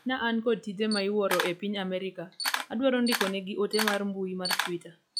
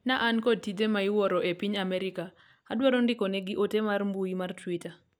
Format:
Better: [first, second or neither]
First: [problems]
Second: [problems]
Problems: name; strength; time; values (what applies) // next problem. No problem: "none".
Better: second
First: noise reduction (classical method log-MMSE)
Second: none